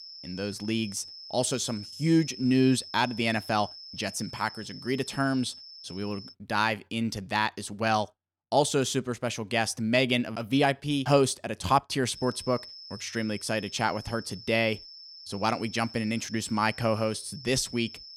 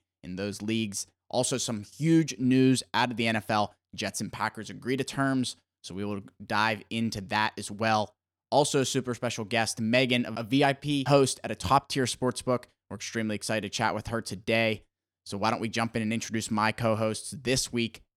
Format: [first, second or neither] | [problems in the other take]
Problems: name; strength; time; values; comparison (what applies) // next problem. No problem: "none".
second | high-pitched whine; noticeable; until 6.5 s and from 12 s on; 5 kHz, 15 dB below the speech